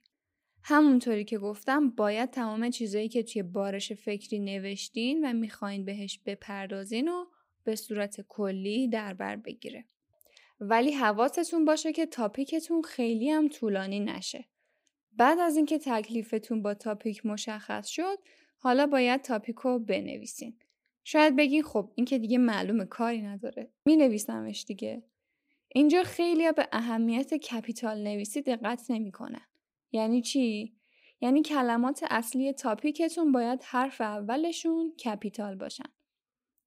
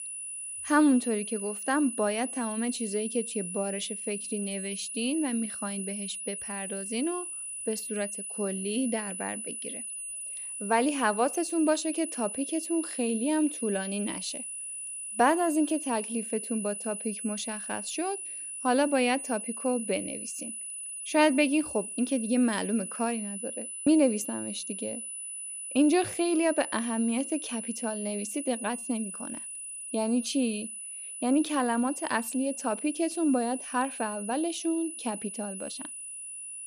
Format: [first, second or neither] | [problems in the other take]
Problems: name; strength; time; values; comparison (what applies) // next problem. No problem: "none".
first | high-pitched whine; loud; throughout; 10 kHz, 6 dB below the speech